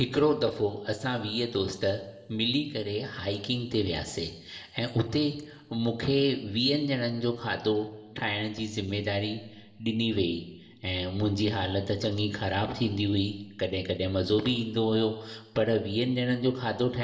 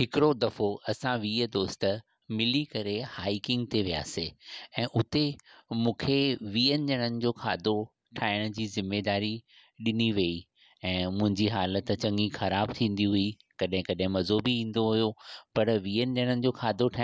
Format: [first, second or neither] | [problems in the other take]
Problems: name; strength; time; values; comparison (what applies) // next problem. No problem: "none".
second | room echo; dies away in 1.5 s